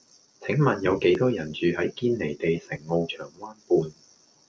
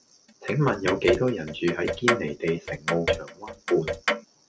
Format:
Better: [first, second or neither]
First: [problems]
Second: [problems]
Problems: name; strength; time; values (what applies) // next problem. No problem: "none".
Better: first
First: none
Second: background sound (Clock); 3 dB below the speech